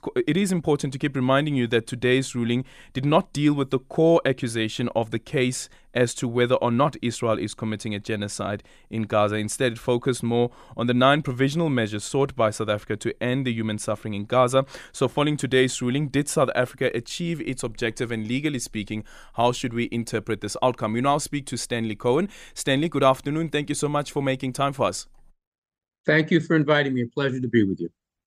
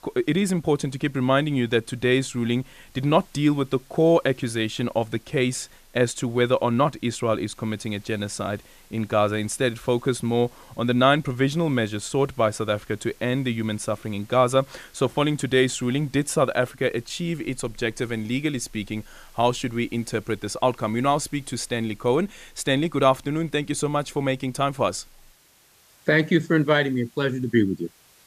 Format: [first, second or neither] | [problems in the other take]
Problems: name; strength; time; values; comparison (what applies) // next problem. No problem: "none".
first | hiss; faint; throughout; 30 dB below the speech